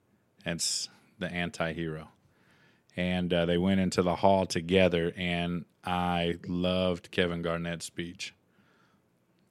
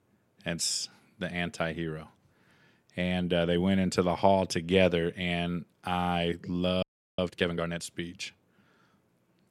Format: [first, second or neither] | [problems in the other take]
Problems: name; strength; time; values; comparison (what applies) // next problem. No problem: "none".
first | audio freezing; at 7 s